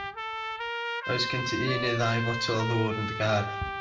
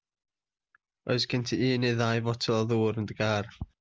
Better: second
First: background sound (Trumpet); 4 dB below the speech // room echo; dies away in 0.5 s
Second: none

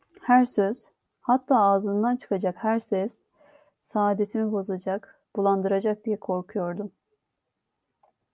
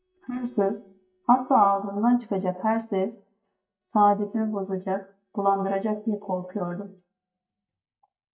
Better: first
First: none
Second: noise reduction (neural mask model DeepFilterNet 3)

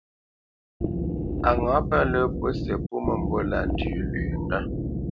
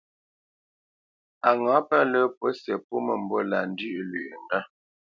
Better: second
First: background sound (Wind instrument, woodwind instrument); 1 dB above the speech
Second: none

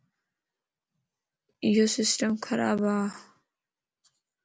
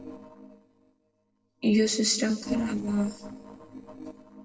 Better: first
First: none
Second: noise reduction (neural separator model SepFormer DNS4)

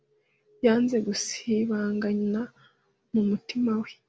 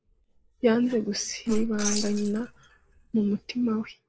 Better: first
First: none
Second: noise reduction (neural mask model Resemble Enhance denoiser)

